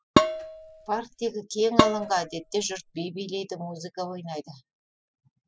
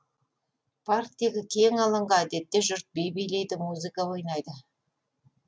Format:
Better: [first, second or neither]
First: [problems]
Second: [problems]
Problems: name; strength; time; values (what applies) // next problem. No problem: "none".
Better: second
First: noise reduction (classical method spectral subtraction)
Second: none